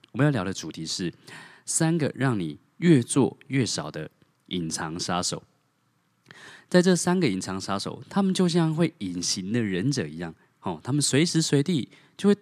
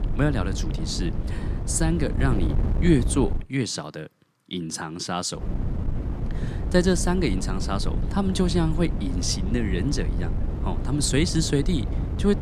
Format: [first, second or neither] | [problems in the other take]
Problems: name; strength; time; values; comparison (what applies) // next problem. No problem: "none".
first | wind noise on the microphone; occasional gusts; until 3.5 s and from 5.5 s on; 10 dB below the speech